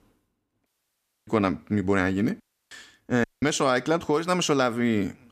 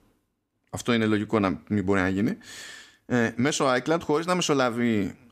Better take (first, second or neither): second